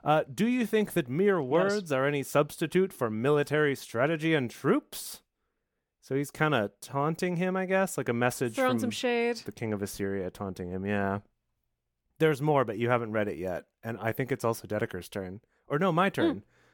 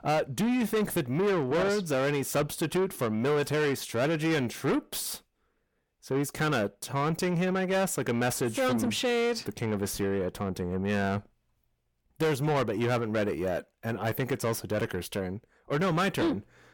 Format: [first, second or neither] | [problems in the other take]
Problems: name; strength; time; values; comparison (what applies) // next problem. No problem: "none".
first | distortion; heavy; 8 dB below the speech